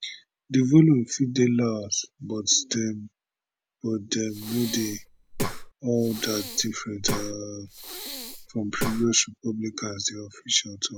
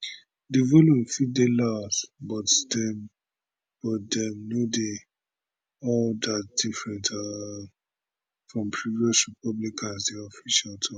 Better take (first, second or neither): second